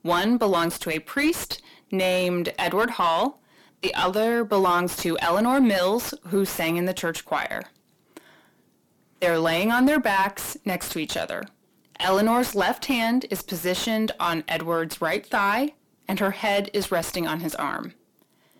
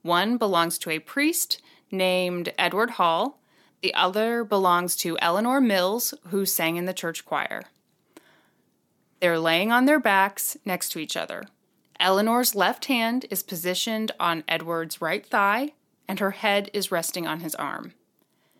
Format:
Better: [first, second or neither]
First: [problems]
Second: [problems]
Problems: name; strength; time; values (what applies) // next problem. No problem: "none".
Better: second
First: distortion; heavy; 7 dB below the speech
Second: none